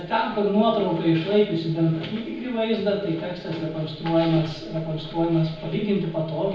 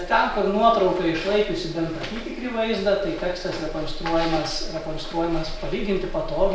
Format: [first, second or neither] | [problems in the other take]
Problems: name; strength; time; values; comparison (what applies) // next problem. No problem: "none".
second | room echo; dies away in 0.4 s